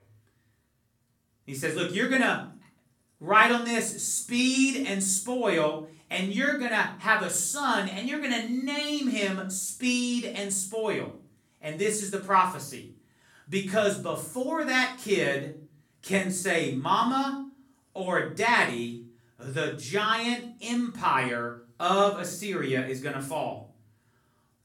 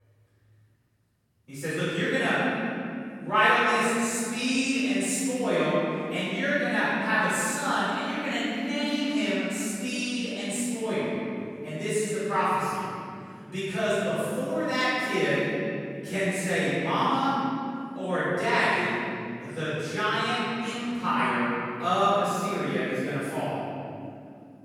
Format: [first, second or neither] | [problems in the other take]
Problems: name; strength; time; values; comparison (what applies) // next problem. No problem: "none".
first | room echo; strong; dies away in 2.8 s; slight in the first // off-mic speech; far; far in the first